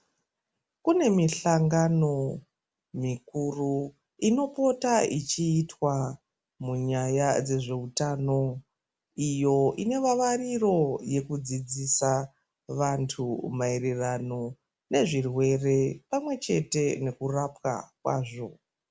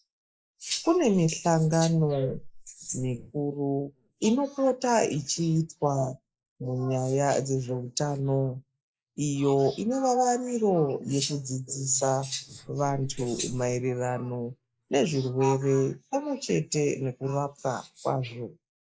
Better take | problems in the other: first | noise reduction (neural mask model Resemble Enhance denoiser)

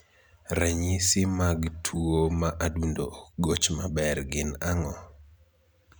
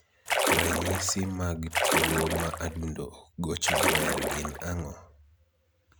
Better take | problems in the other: first | background sound (Splash, splatter); 4 dB above the speech

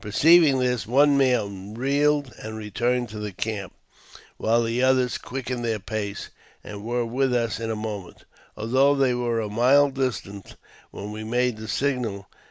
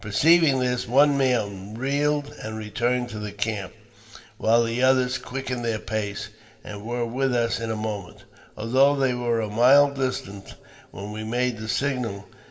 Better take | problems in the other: first | room echo; dies away in 1.4 s

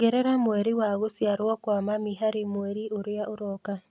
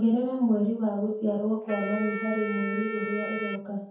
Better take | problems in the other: first | background sound (Wind instrument, woodwind instrument); 10 dB below the speech // room echo; dies away in 0.6 s

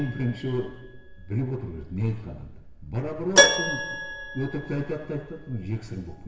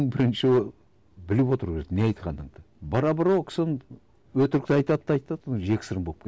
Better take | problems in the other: second | background sound (Keyboard (musical)); 2 dB above the speech // room echo; dies away in 1 s

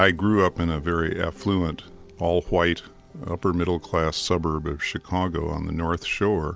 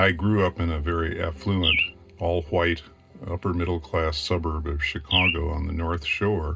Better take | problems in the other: first | background sound (Bird); 4 dB below the speech // room echo; dies away in 0.2 s

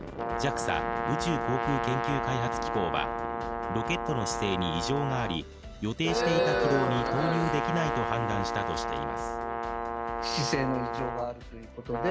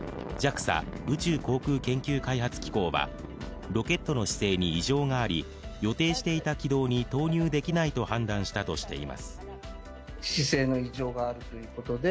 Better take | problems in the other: second | background sound (Brass instrument + Crowd); 1 dB above the speech

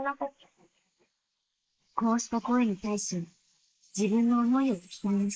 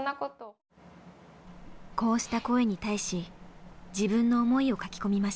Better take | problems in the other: second | noise reduction (neural mask model Resemble Enhance denoiser)

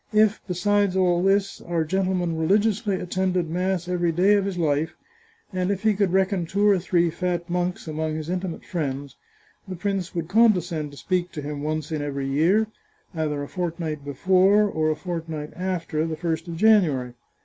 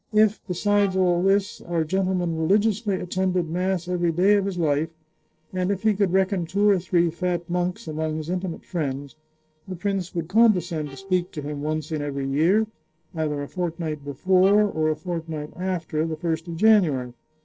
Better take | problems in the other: first | noise reduction (neural separator model SepFormer DNS4)

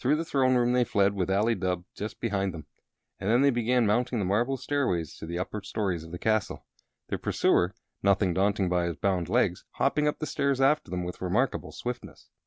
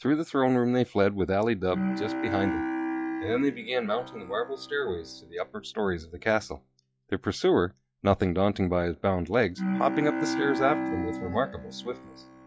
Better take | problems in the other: first | noise reduction (classical method log-MMSE)

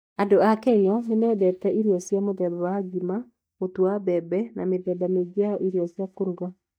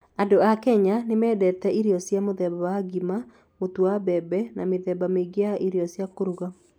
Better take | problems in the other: second | noise reduction (neural mask model DeepFilterNet 3)

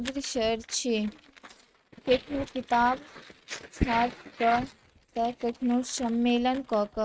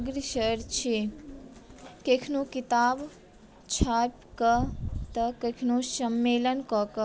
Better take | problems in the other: second | noise reduction (neural mask model RNNoise)

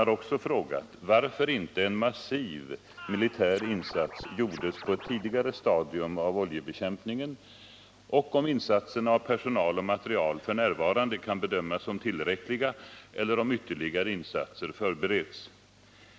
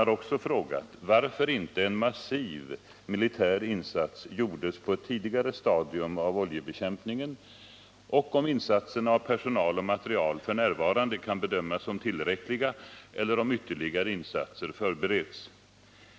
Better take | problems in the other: second | background sound (Scratching (performance technique)); 15 dB below the speech

